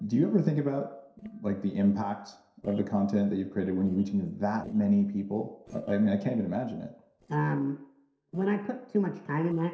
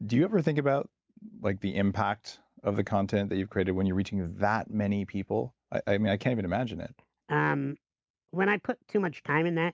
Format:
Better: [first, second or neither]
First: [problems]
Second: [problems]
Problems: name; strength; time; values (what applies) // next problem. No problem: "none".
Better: second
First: noise reduction (neural separator model SepFormer DNS4)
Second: none